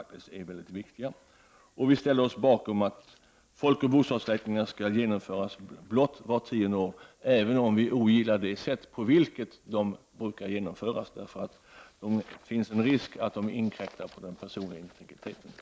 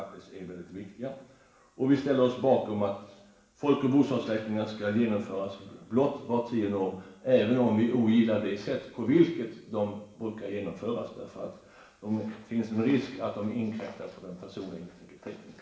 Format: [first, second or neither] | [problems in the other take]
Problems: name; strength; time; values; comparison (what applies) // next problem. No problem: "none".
first | room echo; dies away in 0.8 s